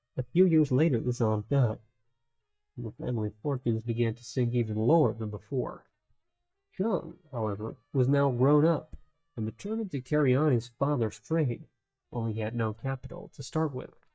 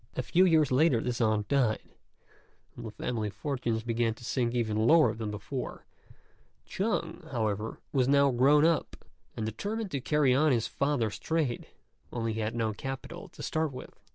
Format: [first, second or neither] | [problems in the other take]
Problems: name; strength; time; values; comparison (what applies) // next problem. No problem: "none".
second | noise reduction (neural mask model DeepFilterNet 3)